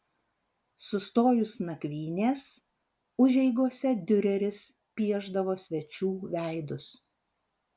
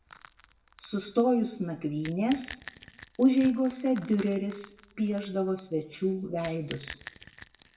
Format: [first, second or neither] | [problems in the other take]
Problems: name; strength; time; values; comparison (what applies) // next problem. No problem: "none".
first | background sound (Crack / Crushing); 20 dB below the speech // room echo; dies away in 0.6 s